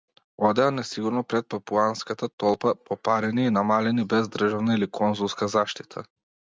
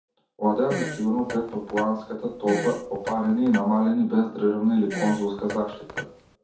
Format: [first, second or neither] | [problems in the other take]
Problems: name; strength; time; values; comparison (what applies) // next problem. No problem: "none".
first | background sound (Fart); 12 dB below the speech // room echo; dies away in 0.5 s